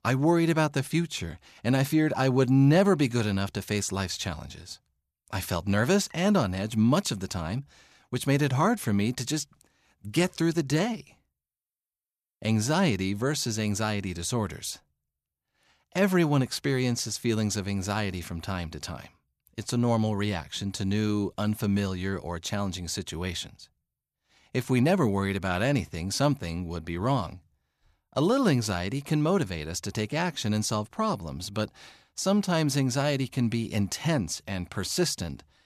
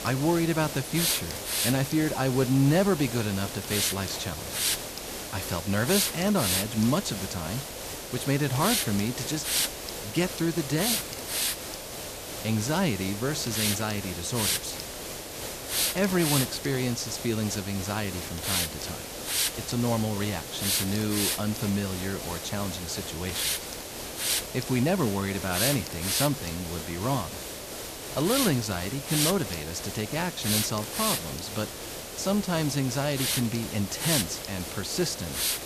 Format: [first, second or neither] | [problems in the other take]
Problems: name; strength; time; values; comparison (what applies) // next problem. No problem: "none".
first | hiss; loud; throughout; 1 dB below the speech